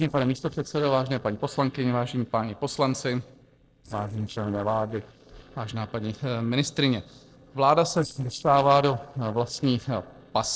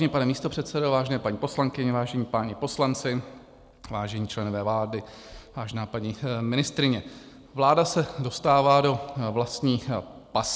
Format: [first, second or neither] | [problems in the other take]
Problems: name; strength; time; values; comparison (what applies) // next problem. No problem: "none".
second | noise reduction (neural separator model SepFormer DNS4)